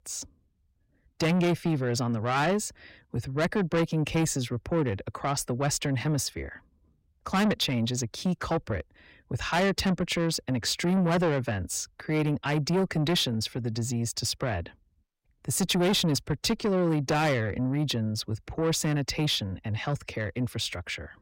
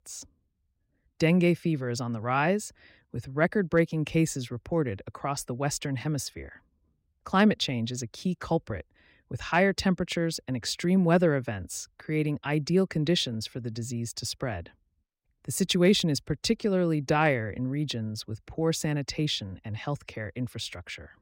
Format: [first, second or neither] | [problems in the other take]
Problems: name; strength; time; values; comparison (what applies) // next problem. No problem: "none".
second | distortion; heavy; 7 dB below the speech